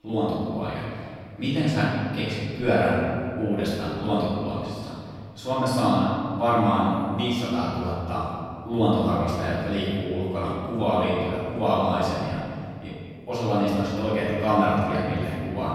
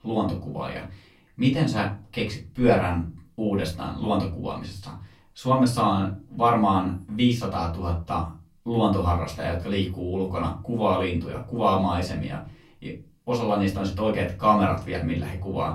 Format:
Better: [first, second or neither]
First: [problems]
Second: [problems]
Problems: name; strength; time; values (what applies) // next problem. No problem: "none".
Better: second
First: room echo; strong; dies away in 2.1 s // off-mic speech; far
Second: room echo; slight; dies away in 0.3 s // off-mic speech; far